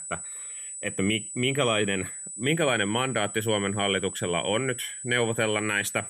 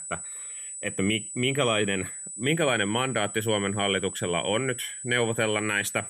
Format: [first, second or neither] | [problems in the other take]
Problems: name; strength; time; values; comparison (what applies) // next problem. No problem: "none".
neither | high-pitched whine; loud; throughout; 8 kHz, 9 dB below the speech; the same in both